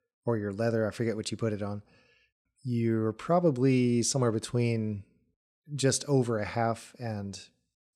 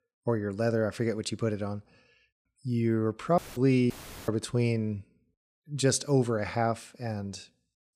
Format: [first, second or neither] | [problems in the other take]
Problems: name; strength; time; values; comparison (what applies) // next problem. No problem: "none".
first | audio cutting out; filled with static; at 3.5 s and at 4 s